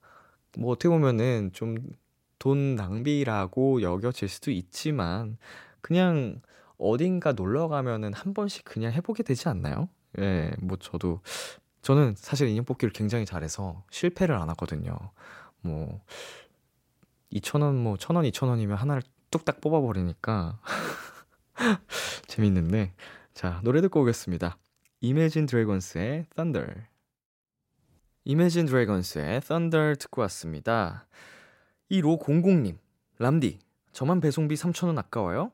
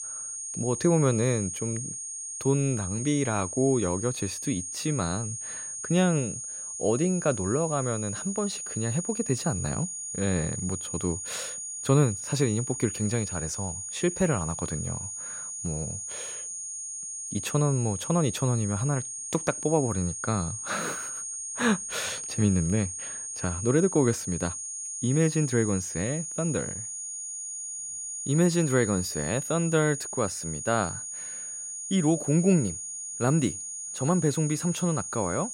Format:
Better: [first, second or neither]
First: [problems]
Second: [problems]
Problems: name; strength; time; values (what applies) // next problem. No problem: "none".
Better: first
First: none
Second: high-pitched whine; loud; throughout; 6.5 kHz, 5 dB below the speech